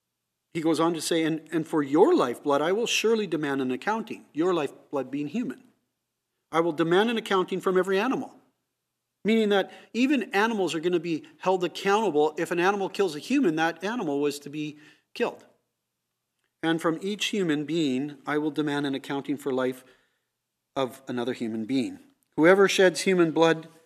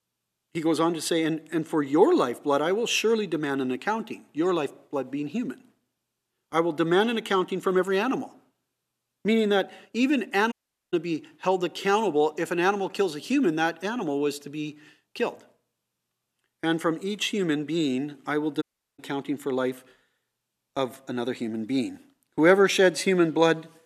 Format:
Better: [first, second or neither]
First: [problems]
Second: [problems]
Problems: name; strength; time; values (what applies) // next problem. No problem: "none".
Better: first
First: none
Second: audio cutting out; at 11 s and at 19 s